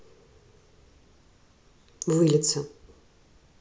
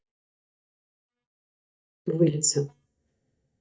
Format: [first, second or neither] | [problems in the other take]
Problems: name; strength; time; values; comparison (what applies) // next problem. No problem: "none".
first | noise reduction (neural mask model DeepFilterNet 3)